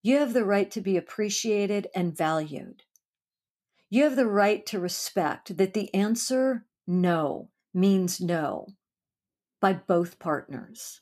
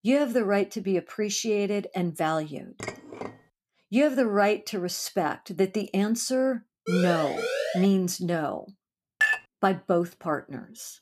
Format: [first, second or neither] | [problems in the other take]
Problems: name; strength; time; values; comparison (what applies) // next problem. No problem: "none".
first | clattering dishes; faint; at 3 s; peak 10 dB below the speech // siren; noticeable; at 7 s; peak 2 dB below the speech // clattering dishes; loud; at 9 s; peak 3 dB above the speech